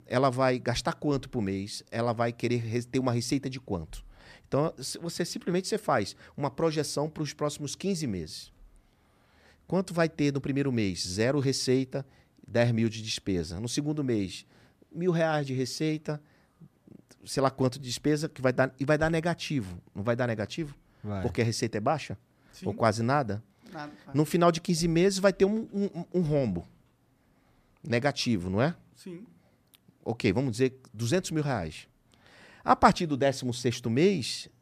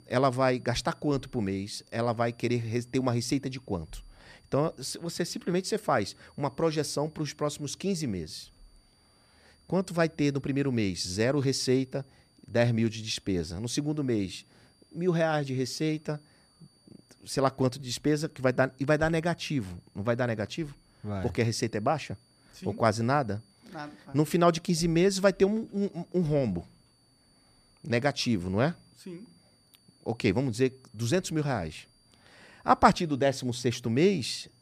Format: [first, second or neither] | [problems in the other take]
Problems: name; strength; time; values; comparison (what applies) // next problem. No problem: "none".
first | high-pitched whine; faint; throughout; 4.5 kHz, 35 dB below the speech